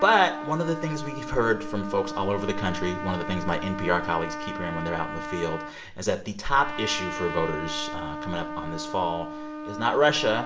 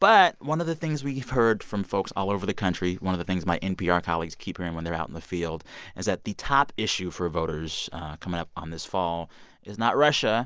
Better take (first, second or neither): second